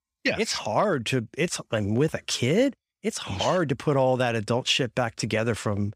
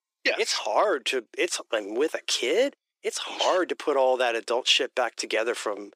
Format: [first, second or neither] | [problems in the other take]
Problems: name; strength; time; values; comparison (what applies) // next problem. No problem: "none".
first | thin; very; fading below 350 Hz